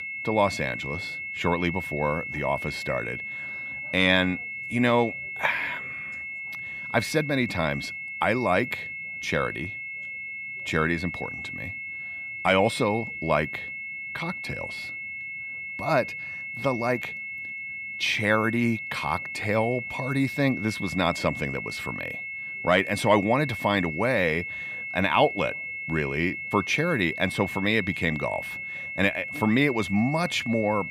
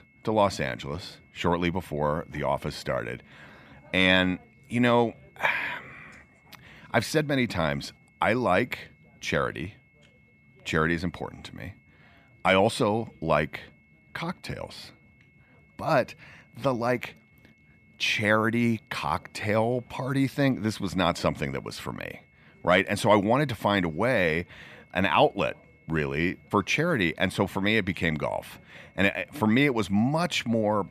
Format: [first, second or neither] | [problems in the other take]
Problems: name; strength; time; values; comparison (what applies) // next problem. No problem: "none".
second | high-pitched whine; loud; throughout; 2 kHz, 7 dB below the speech; faint in the second